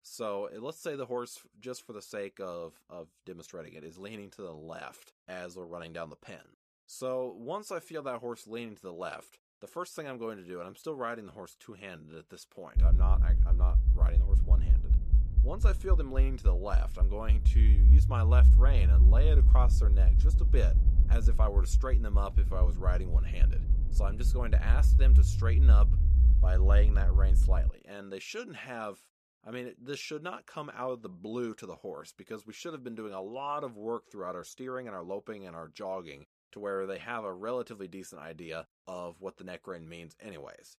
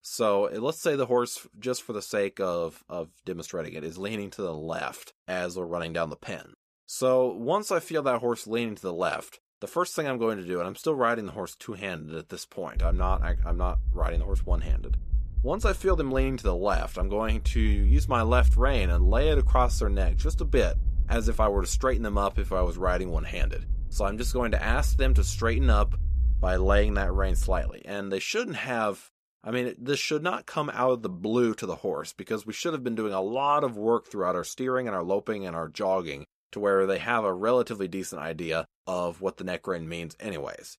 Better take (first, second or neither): second